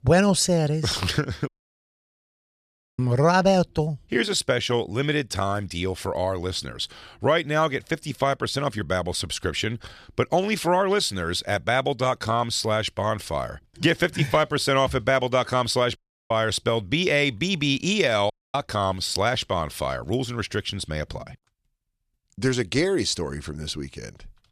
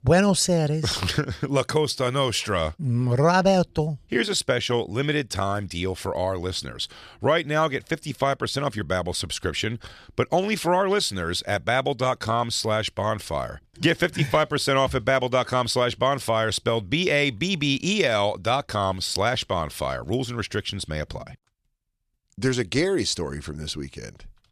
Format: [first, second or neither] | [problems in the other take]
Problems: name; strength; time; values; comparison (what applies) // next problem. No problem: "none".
second | audio cutting out; at 1.5 s for 1.5 s, at 16 s and at 18 s